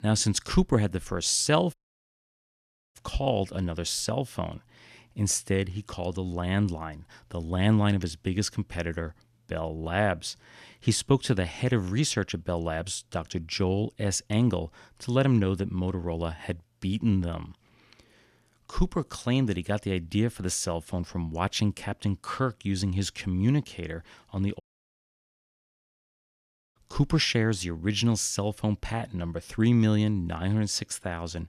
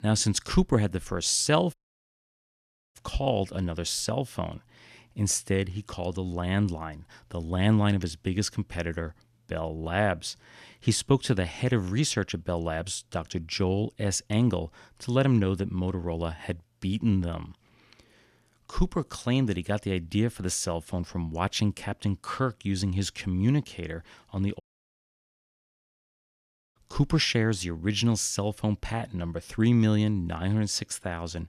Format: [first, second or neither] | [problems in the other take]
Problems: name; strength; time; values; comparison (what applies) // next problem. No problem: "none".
neither | audio cutting out; at 1.5 s for 1 s and at 25 s for 2 s; the same in both